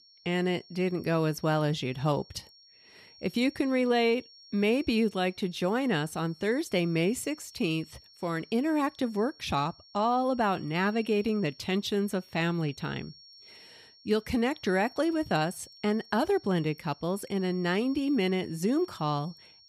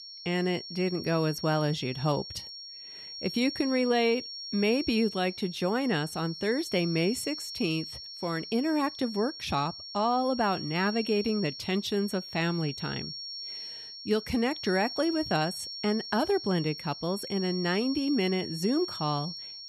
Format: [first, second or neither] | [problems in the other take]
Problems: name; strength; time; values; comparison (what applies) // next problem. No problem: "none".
first | high-pitched whine; loud; throughout; 5.5 kHz, 9 dB below the speech; faint in the first